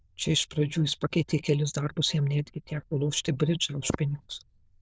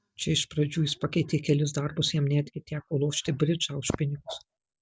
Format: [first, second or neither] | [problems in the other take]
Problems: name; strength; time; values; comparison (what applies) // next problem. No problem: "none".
second | noise reduction (neural diffusion model UNIVERSE++)